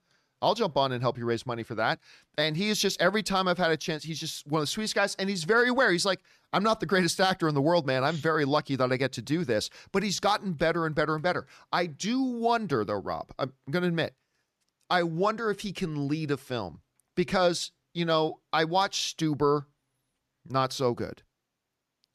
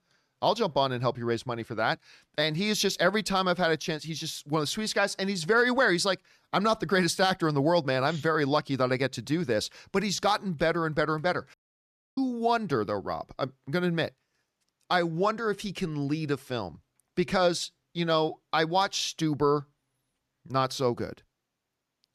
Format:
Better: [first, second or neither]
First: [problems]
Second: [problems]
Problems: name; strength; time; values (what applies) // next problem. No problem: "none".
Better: first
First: none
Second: audio cutting out; at 12 s for 0.5 s